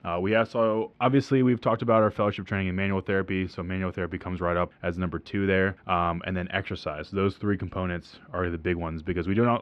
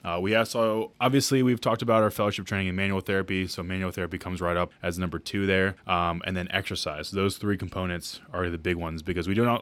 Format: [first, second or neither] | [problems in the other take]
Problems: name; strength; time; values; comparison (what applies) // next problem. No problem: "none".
second | muffled; slightly; fading above 2 kHz